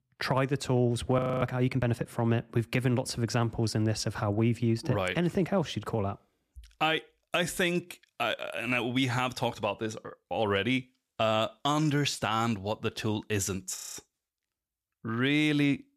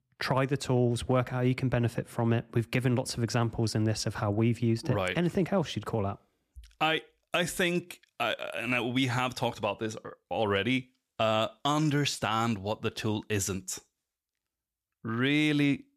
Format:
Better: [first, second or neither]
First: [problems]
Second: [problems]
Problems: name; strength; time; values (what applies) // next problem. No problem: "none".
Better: second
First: audio freezing; at 1 s and at 14 s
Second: none